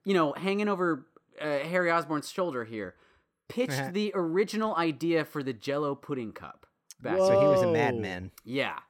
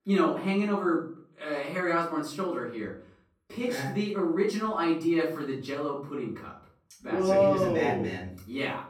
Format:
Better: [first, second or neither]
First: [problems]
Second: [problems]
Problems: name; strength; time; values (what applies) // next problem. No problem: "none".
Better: first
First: none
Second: off-mic speech; far // room echo; noticeable; dies away in 0.4 s